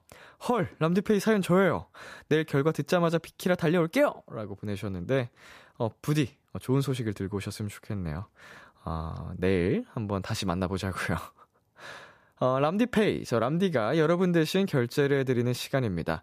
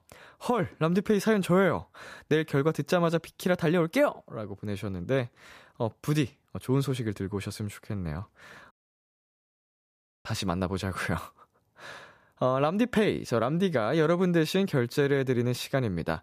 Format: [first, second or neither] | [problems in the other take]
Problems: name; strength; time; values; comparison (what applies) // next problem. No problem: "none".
first | audio cutting out; at 8.5 s for 1.5 s